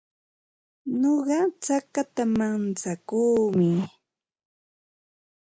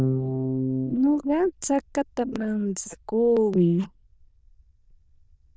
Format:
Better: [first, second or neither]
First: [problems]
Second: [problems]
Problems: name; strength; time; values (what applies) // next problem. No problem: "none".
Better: first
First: none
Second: noise reduction (neural diffusion model UNIVERSE++)